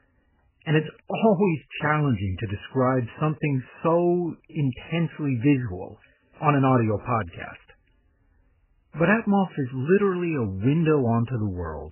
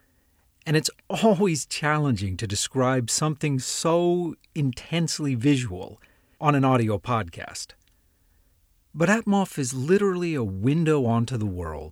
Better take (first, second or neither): second